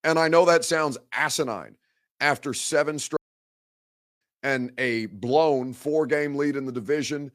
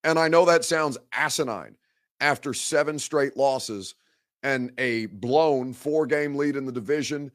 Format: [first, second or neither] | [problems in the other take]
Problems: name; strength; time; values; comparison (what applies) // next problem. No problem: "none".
second | audio cutting out; at 3 s for 1 s